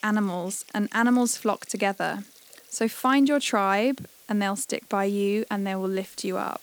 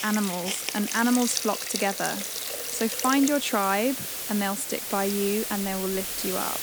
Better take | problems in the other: first | hiss; loud; throughout; 3 dB below the speech; faint in the first

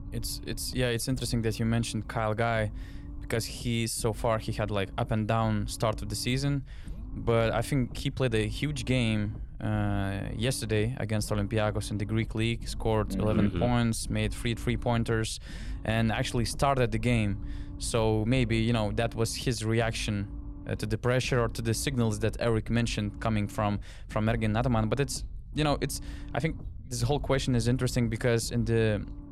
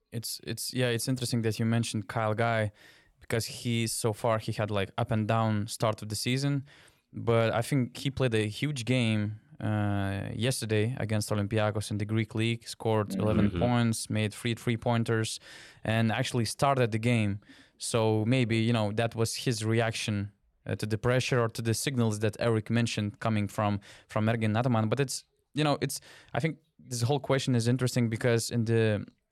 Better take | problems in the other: second | low rumble; faint; throughout; 20 dB below the speech

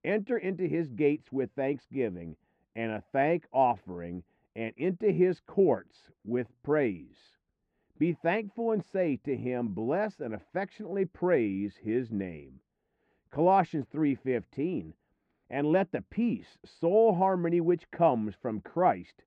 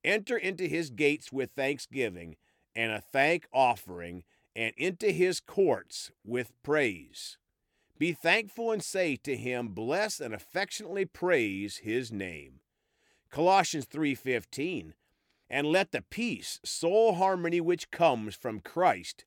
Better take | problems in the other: second | muffled; very; fading above 1.5 kHz

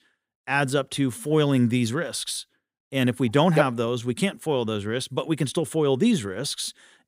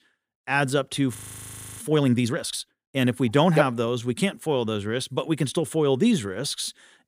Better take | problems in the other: first | audio freezing; at 1 s for 0.5 s

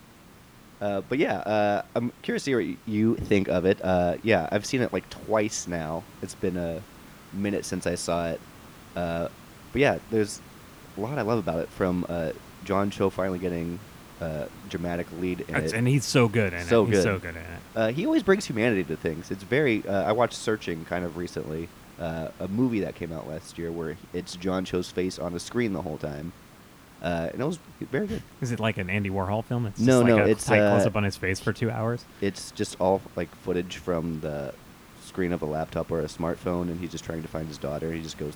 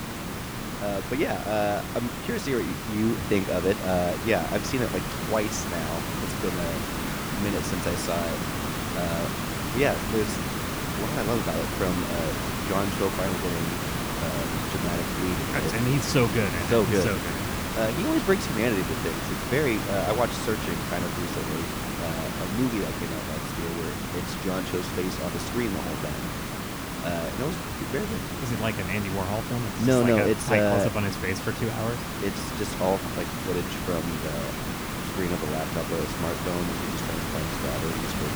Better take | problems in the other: first | hiss; loud; throughout; 2 dB below the speech; faint in the first

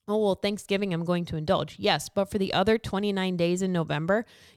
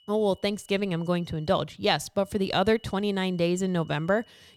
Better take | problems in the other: first | high-pitched whine; faint; until 1.5 s and from 2.5 s on; 3 kHz, 30 dB below the speech

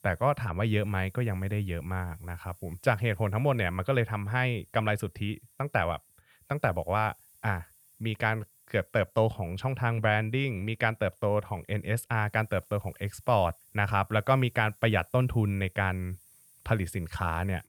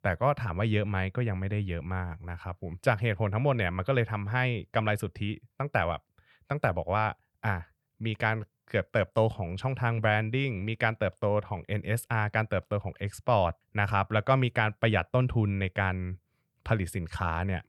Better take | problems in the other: second | hiss; faint; throughout; 25 dB below the speech

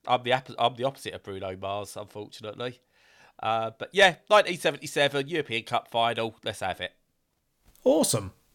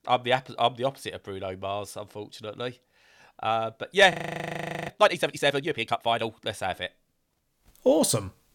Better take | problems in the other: first | audio freezing; at 4 s for 1 s

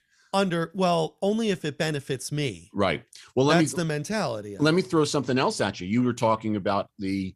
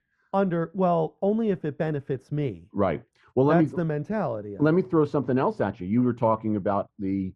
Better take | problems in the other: first | muffled; very; fading above 3 kHz

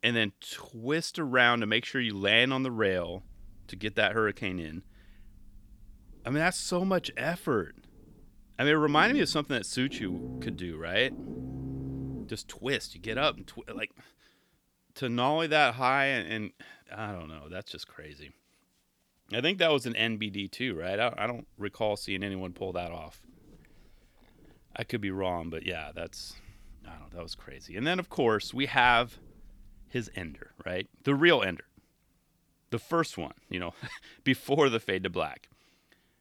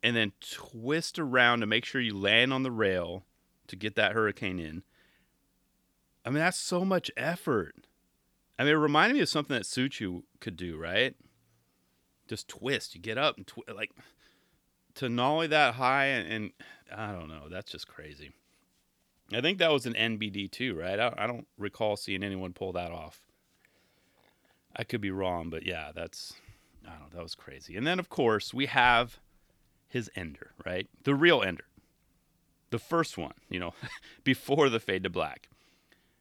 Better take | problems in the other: second | low rumble; faint; from 3 to 14 s and from 21 to 30 s; 20 dB below the speech

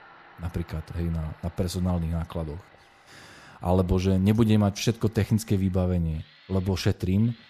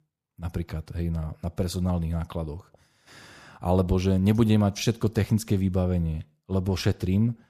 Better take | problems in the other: second | machinery noise; faint; throughout; 25 dB below the speech

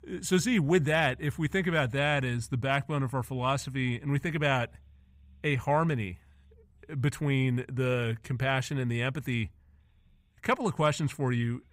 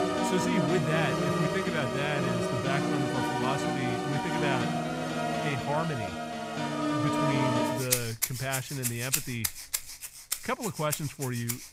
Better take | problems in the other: first | background music; very loud; throughout; 3 dB above the speech

